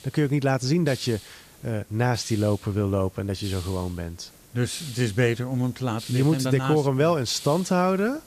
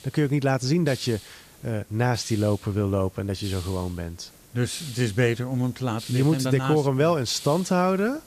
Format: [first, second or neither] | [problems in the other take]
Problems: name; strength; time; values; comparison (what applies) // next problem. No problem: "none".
neither | hiss; noticeable; throughout; 20 dB below the speech; the same in both